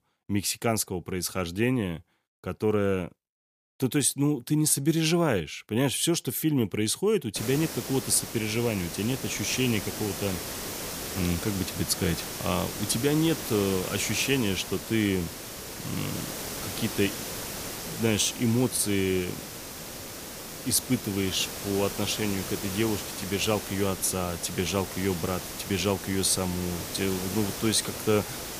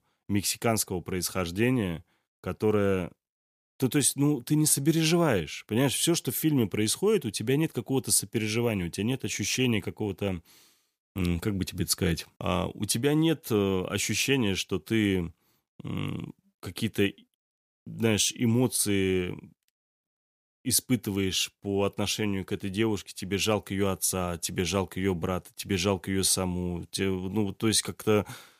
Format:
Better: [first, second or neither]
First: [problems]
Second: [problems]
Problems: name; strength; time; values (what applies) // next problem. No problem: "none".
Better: second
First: hiss; loud; from 7.5 s on; 7 dB below the speech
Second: none